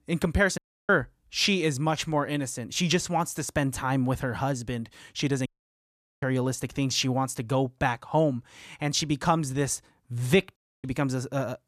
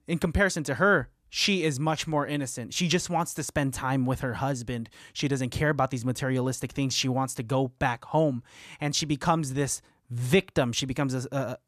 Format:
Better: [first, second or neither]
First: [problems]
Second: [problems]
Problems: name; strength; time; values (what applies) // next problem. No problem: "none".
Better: second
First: audio cutting out; at 0.5 s, at 5.5 s for 1 s and at 11 s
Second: none